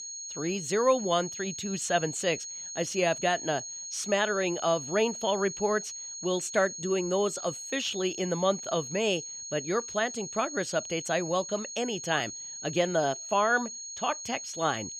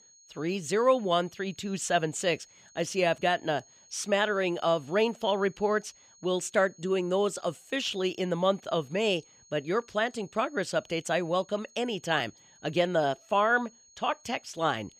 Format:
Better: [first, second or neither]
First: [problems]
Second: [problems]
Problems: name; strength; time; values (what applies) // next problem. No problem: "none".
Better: second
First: high-pitched whine; loud; throughout; 6.5 kHz, 8 dB below the speech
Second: high-pitched whine; faint; throughout; 6.5 kHz, 25 dB below the speech